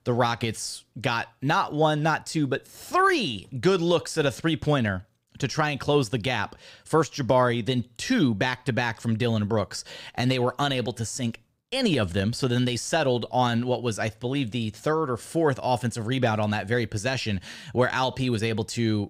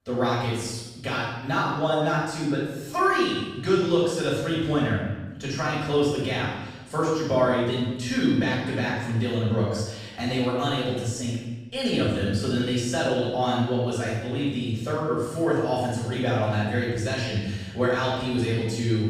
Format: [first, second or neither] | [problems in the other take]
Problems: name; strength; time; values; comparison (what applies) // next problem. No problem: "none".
first | off-mic speech; far // room echo; strong; dies away in 1 s